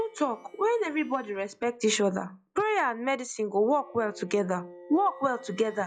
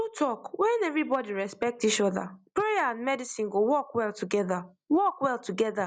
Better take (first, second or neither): second